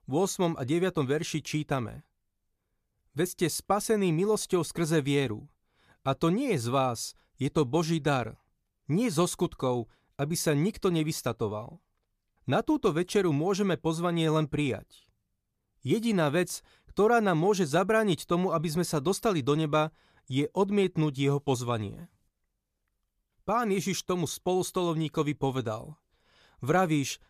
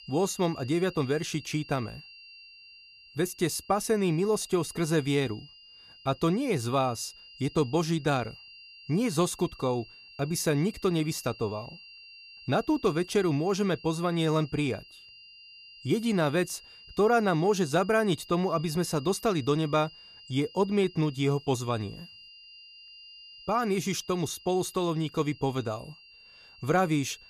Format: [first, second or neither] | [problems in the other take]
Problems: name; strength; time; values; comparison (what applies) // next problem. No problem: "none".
first | high-pitched whine; noticeable; throughout; 3 kHz, 20 dB below the speech